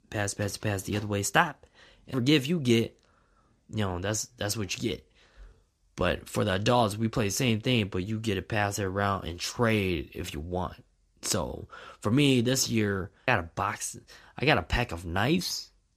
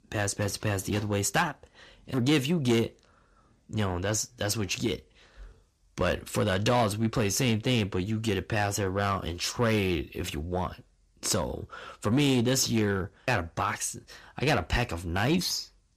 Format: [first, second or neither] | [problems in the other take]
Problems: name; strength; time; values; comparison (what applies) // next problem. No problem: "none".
first | distortion; slight; 10 dB below the speech